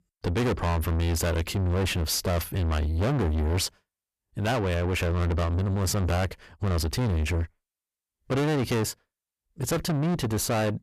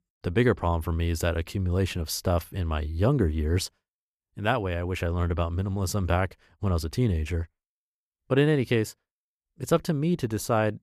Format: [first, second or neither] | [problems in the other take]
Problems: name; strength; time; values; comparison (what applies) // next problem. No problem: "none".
second | distortion; heavy; 6 dB below the speech